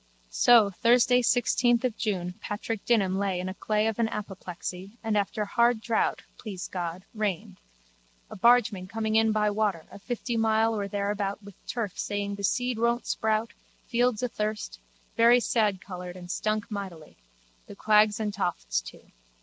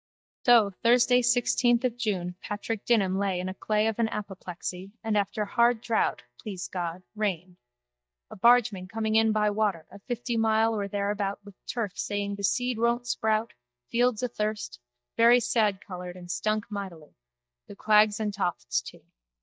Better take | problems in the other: first | noise reduction (neural mask model DeepFilterNet 3)

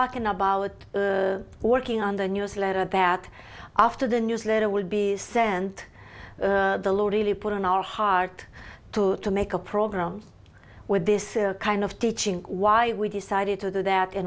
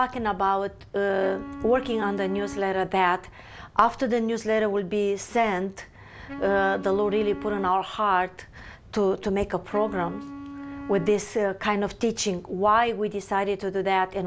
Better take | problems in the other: first | background sound (Wind instrument, woodwind instrument); 14 dB below the speech

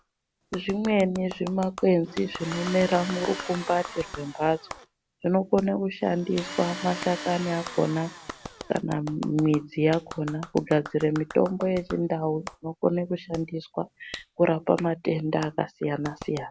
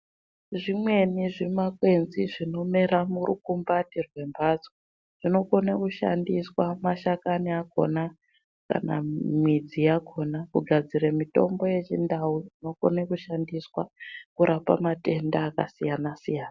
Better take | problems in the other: second | background sound (Tools + Clapping); 14 dB below the speech

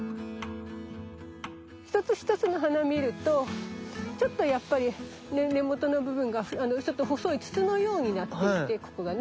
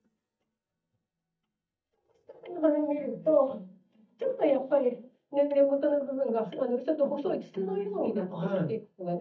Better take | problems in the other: first | noise reduction (neural mask model DeepFilterNet 3)

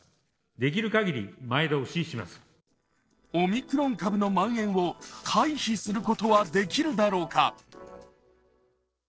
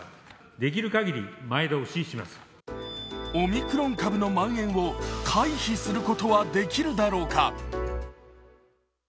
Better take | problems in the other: second | noise reduction (neural separator model SepFormer DNS4)

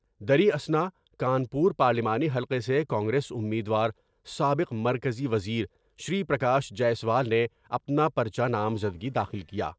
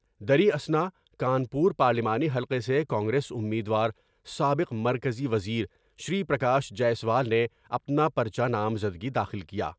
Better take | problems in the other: second | noise reduction (neural separator model SepFormer DNS4)

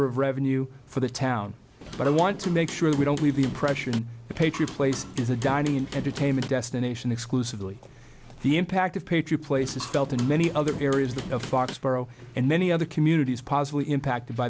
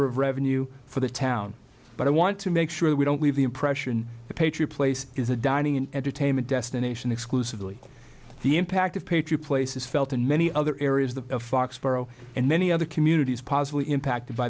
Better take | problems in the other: second | background sound (Hammer / Wood); 12 dB below the speech

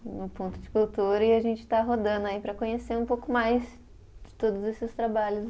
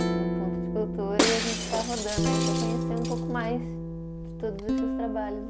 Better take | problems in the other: first | background sound (Guitar + Shatter); 5 dB above the speech

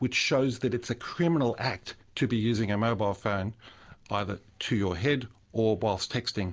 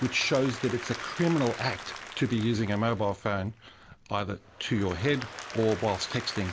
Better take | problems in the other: first | background sound (Applause / Crowd); 13 dB below the speech

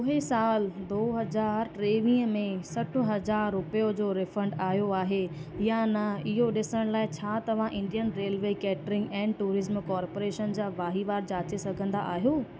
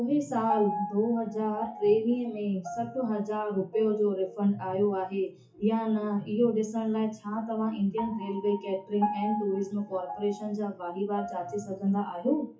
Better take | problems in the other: first | noise reduction (classical method WPE with log-MMSE)

